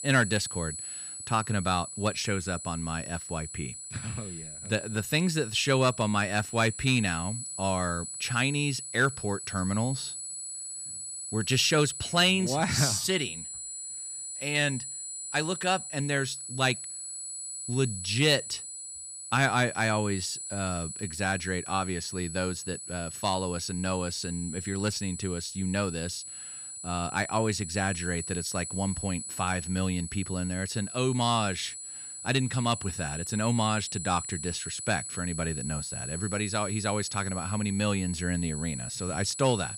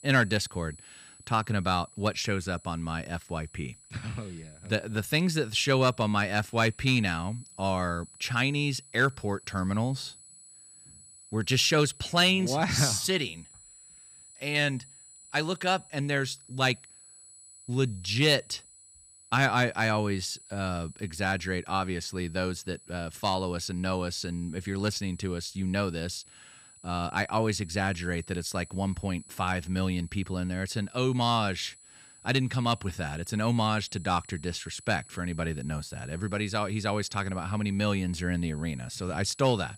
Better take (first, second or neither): second